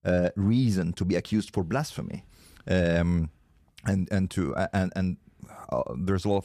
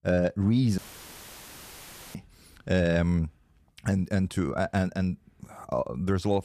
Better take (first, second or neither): first